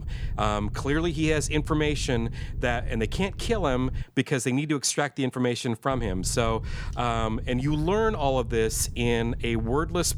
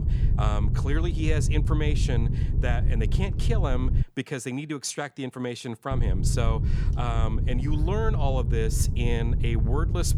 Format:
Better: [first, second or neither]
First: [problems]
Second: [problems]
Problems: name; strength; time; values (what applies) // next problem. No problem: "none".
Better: first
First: low rumble; faint; until 4 s and from 6 s on; 20 dB below the speech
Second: low rumble; loud; until 4 s and from 6 s on; 8 dB below the speech